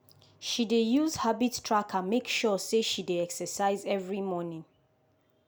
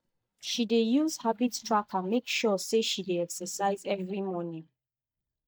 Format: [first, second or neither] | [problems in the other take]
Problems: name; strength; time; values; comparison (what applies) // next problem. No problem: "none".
first | noise reduction (neural mask model DeepFilterNet 3)